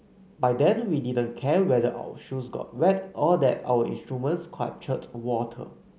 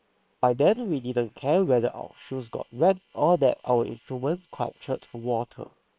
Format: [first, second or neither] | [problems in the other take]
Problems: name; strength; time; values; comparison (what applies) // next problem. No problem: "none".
first | noise reduction (neural separator model SepFormer WHAM!)